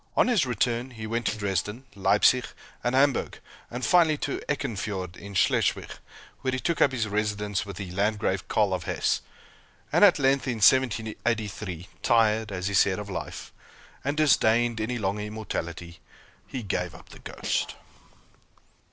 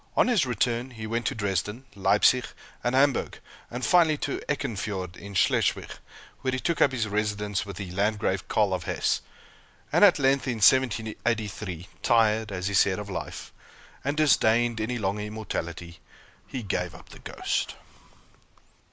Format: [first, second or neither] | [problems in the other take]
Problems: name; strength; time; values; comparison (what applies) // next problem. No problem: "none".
second | noise reduction (neural separator model SepFormer DNS4)